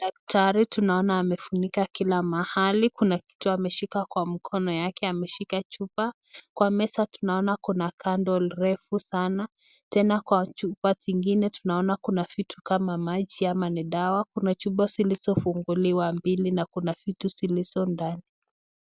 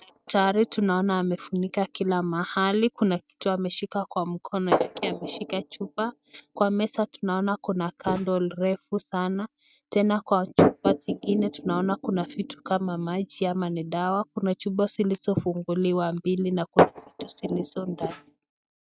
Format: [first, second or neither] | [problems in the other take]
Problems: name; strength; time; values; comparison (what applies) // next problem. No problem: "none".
first | noise reduction (neural mask model RNNoise)